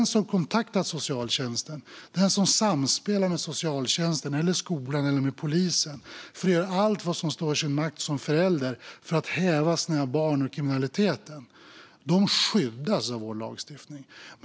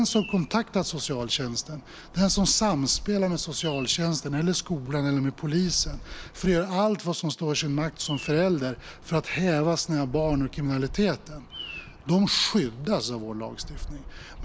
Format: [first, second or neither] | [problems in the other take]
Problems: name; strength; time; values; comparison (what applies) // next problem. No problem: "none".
first | background sound (Bird vocalization, bird call, bird song); 14 dB below the speech